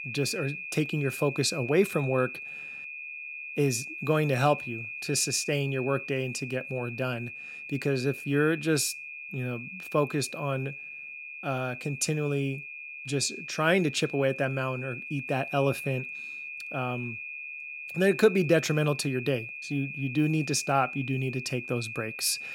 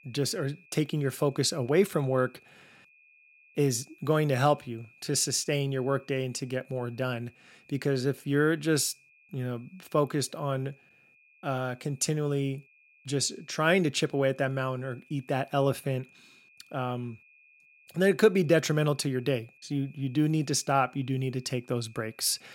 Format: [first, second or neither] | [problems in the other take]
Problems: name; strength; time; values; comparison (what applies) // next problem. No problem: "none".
second | high-pitched whine; loud; throughout; 2.5 kHz, 8 dB below the speech; faint in the second